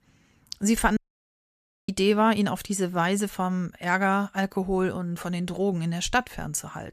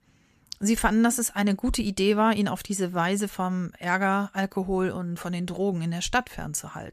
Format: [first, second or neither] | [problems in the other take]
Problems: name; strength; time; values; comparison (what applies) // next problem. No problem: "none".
second | audio cutting out; at 1 s for 1 s